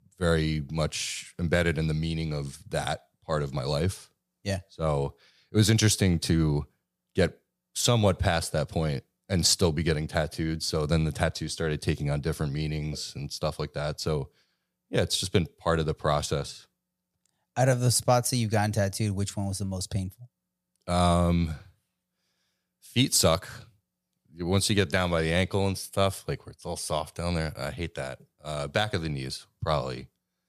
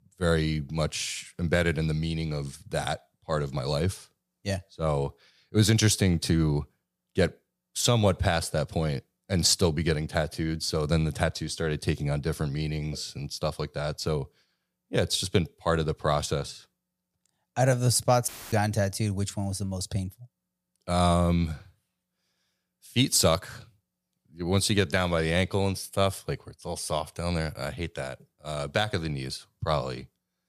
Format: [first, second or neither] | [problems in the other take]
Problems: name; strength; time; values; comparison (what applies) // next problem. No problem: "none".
first | audio cutting out; filled with static; at 18 s